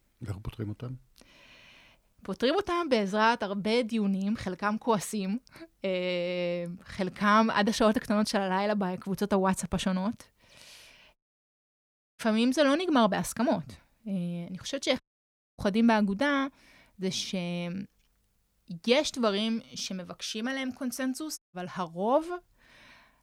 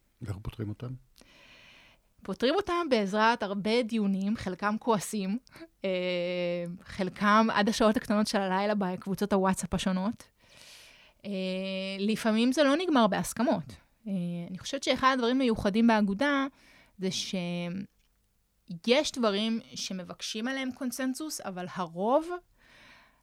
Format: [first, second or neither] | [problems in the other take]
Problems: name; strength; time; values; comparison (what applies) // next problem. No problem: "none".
second | audio cutting out; at 11 s for 1 s, at 15 s for 0.5 s and at 21 s